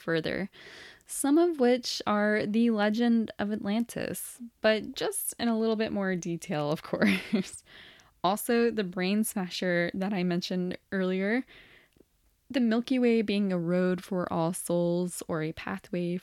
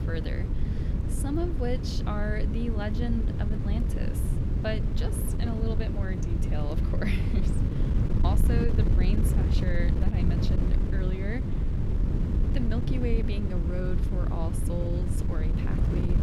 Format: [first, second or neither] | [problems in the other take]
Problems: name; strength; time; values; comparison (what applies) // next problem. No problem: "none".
first | wind noise on the microphone; heavy; 2 dB below the speech